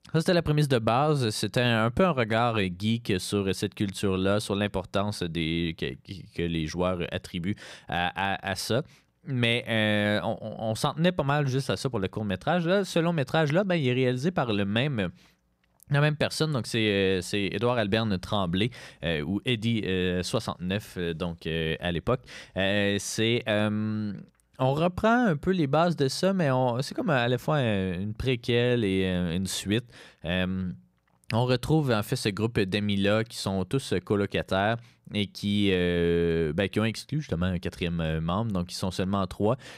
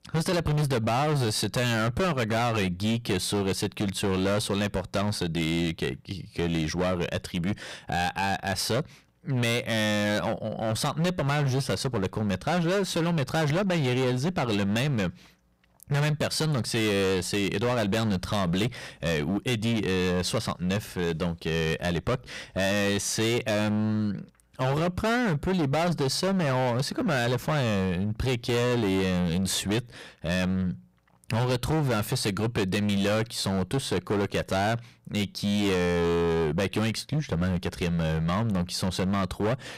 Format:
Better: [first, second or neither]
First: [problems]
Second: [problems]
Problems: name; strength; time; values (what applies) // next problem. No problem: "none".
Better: first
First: none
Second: distortion; heavy; 23% of the sound clipped